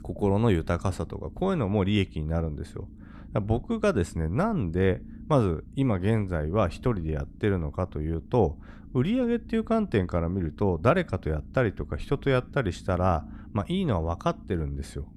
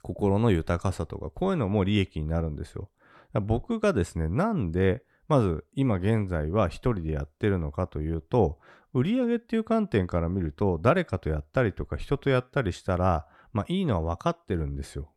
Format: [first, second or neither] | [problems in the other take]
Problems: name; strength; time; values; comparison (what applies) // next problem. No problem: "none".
second | low rumble; faint; throughout; 25 dB below the speech